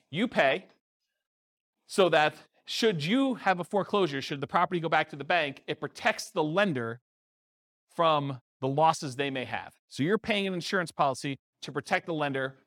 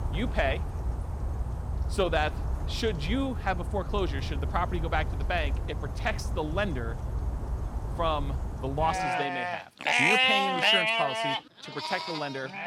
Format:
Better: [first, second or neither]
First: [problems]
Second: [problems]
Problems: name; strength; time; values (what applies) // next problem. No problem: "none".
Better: first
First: none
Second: animal sounds; very loud; throughout; 3 dB above the speech